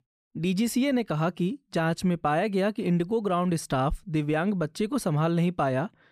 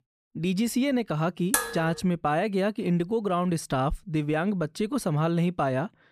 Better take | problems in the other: first | clattering dishes; loud; at 1.5 s; peak 1 dB above the speech

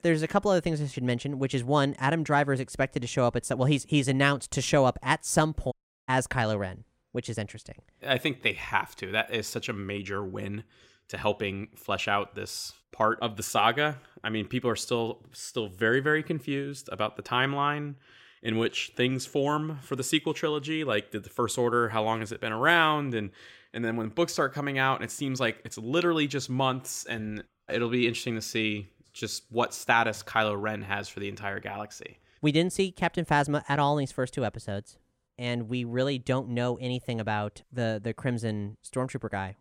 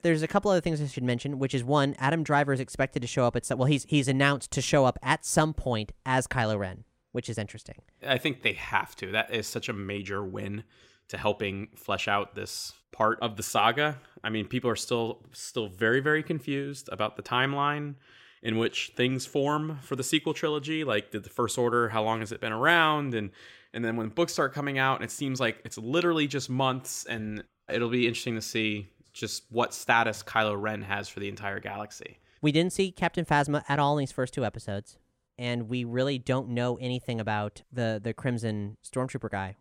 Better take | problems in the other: second | audio cutting out; at 5.5 s

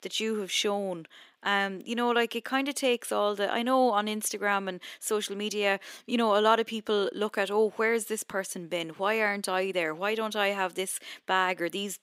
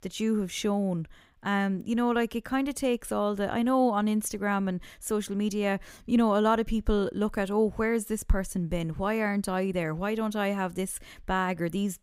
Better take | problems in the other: second | thin; somewhat; fading below 300 Hz

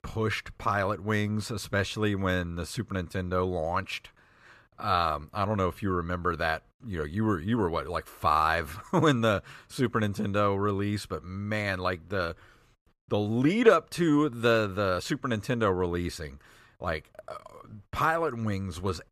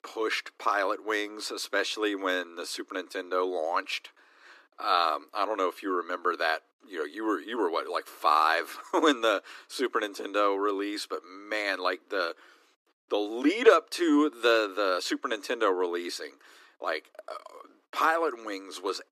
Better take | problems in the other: first | thin; somewhat; fading below 300 Hz

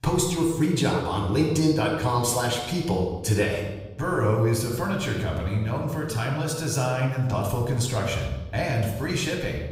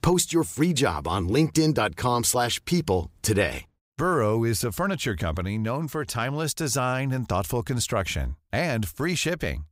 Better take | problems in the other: second | off-mic speech; far // room echo; noticeable; dies away in 1 s

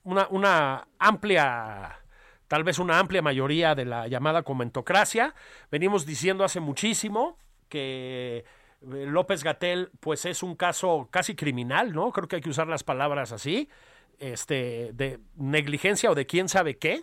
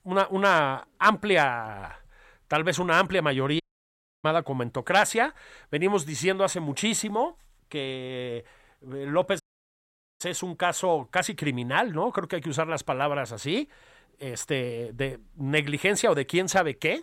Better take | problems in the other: first | audio cutting out; at 3.5 s for 0.5 s and at 9.5 s for 1 s

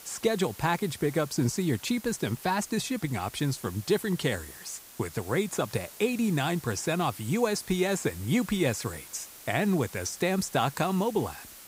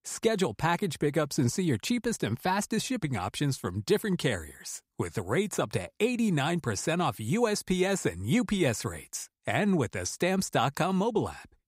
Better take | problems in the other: second | hiss; noticeable; throughout; 15 dB below the speech

